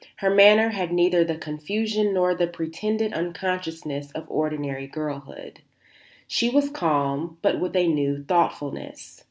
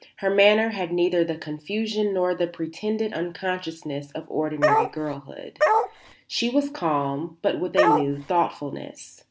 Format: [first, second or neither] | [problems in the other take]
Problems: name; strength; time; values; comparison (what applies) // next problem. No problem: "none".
first | background sound (Bark); 3 dB above the speech